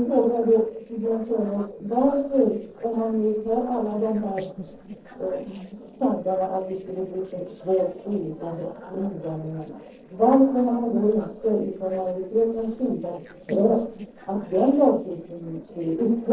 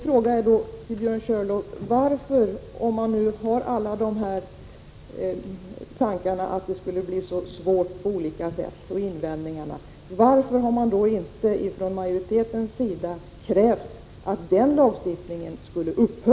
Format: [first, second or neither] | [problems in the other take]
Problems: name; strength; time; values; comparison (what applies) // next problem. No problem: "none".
second | noise reduction (neural separator model SepFormer DNS4)